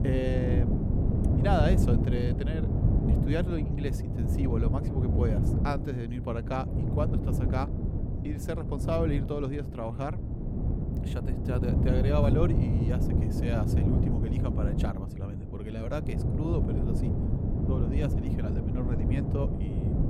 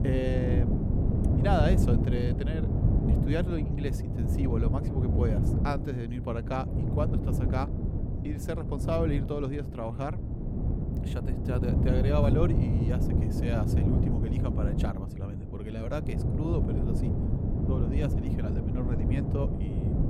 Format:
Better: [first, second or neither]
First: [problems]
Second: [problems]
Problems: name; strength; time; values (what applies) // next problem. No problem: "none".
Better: neither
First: wind noise on the microphone; heavy; 3 dB below the speech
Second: wind noise on the microphone; heavy; 3 dB below the speech